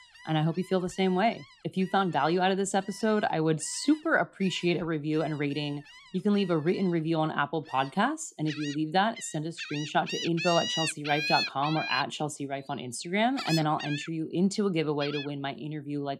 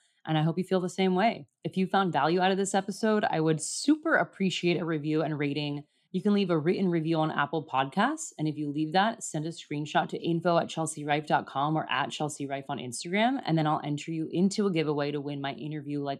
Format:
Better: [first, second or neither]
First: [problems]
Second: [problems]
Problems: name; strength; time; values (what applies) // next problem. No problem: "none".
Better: second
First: animal sounds; loud; throughout; 5 dB below the speech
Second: none